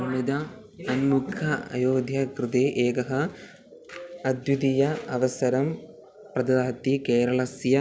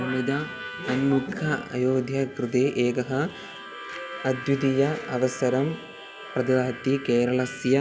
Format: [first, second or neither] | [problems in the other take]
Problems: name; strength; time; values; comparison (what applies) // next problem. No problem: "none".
first | background sound (Harmonica); 15 dB below the speech